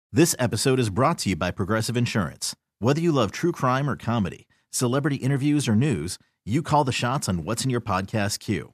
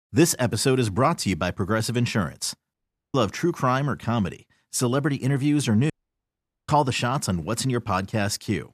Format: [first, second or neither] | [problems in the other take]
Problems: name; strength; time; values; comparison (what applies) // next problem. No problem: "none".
first | audio cutting out; at 2.5 s and at 6 s for 1 s